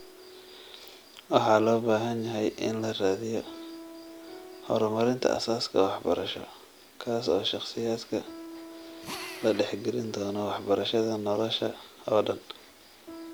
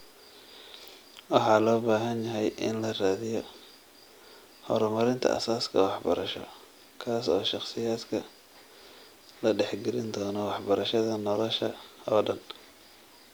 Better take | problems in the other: second | background sound (Piano + Drill); 19 dB below the speech

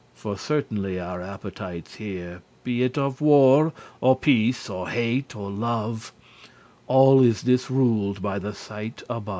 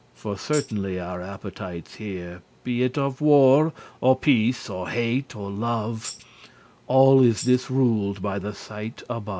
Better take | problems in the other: first | background sound (Tambourine); 16 dB below the speech

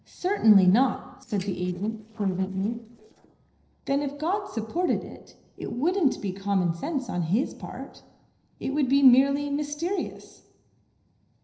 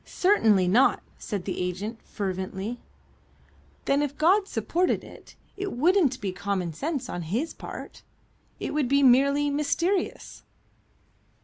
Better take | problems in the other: second | noise reduction (neural separator model SepFormer DNS4)

